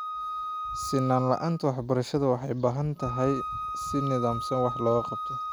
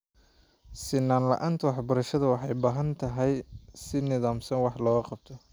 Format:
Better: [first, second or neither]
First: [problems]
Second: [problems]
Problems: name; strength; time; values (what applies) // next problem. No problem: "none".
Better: second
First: background sound (Wind instrument, woodwind instrument); 7 dB below the speech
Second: none